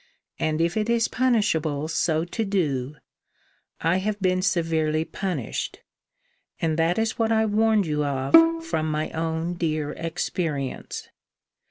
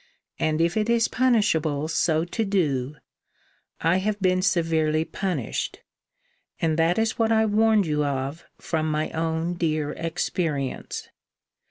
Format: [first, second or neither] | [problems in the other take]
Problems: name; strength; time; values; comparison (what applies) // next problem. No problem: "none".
second | background sound (Bowed string instrument); 1 dB above the speech